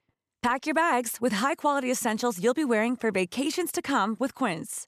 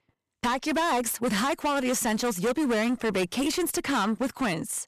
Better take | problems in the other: first | distortion; heavy; 22% of the sound clipped

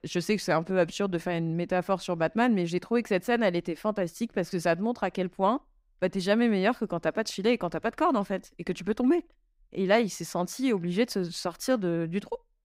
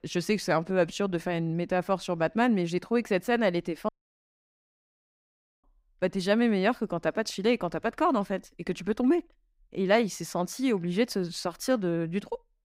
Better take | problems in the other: first | audio cutting out; at 4 s for 1.5 s

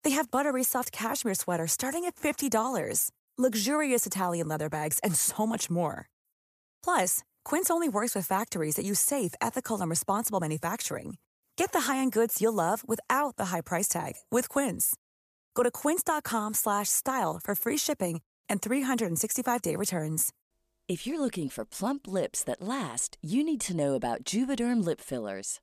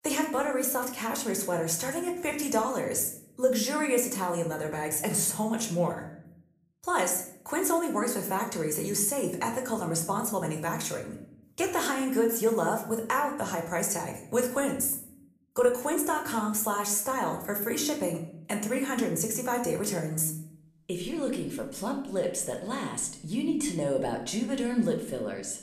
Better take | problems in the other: first | room echo; slight; dies away in 0.6 s // off-mic speech; somewhat distant

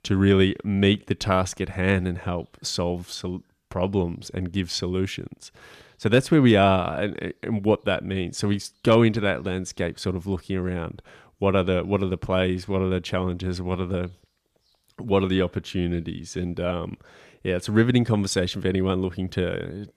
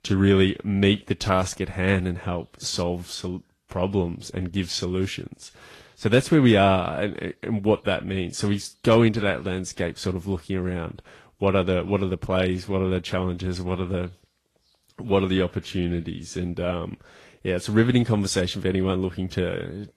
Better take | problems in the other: first | garbled, watery; slightly

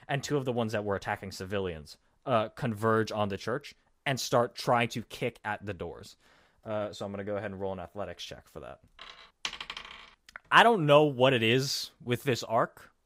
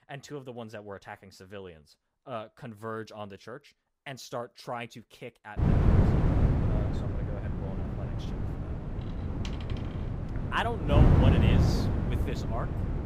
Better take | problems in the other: first | wind noise on the microphone; heavy; from 5.5 s on; 2 dB above the speech

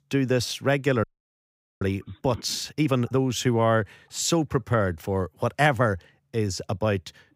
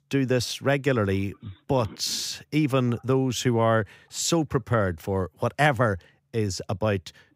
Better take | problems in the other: second | audio freezing; at 1 s for 1 s

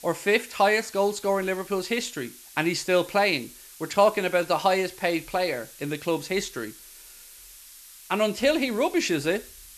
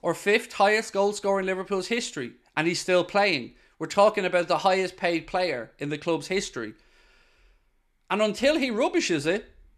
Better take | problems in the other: second | hiss; noticeable; throughout; 20 dB below the speech

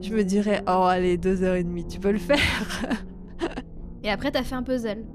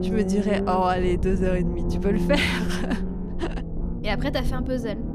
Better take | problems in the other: first | low rumble; loud; throughout; 8 dB below the speech; faint in the first

